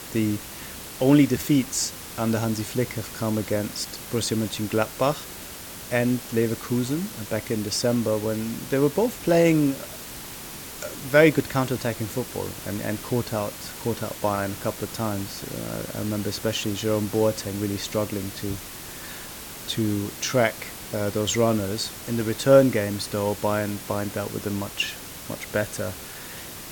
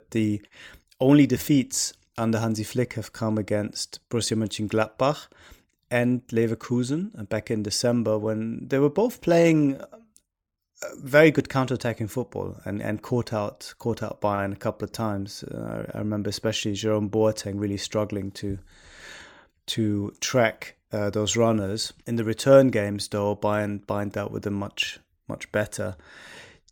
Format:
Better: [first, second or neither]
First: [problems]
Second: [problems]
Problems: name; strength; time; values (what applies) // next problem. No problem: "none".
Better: second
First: hiss; noticeable; throughout; 10 dB below the speech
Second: none